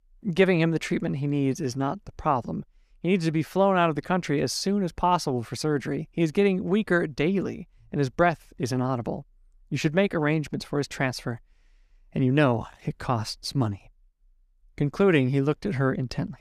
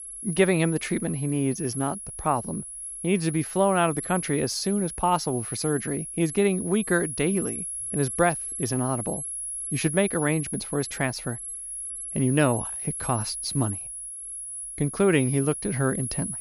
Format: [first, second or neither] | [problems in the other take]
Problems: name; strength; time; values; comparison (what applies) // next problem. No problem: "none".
first | high-pitched whine; loud; throughout; 10.5 kHz, 6 dB below the speech